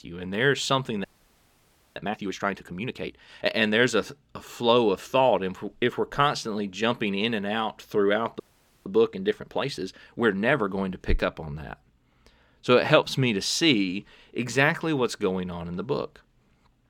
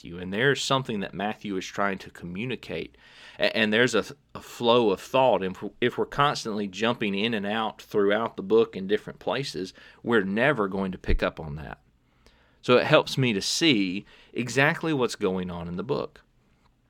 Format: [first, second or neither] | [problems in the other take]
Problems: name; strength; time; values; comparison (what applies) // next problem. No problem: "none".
second | audio freezing; at 1 s for 1 s and at 8.5 s